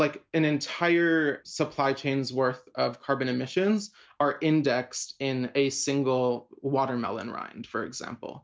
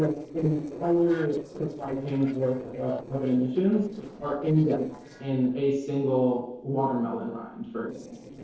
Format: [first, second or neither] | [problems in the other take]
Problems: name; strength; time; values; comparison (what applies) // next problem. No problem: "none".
first | noise reduction (neural separator model SepFormer DNS4)